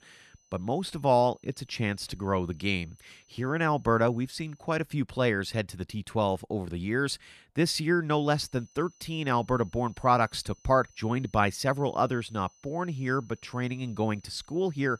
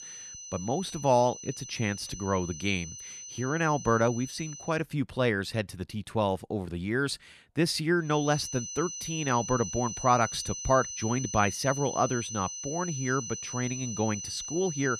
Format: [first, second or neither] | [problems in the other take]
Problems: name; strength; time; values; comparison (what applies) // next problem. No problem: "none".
first | high-pitched whine; loud; until 4.5 s and from 8 s on; 6 kHz, 8 dB below the speech; faint in the first